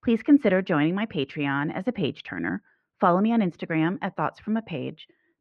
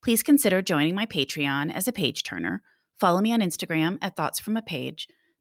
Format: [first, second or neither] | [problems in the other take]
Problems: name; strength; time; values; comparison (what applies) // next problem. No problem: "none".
second | muffled; very; fading above 2 kHz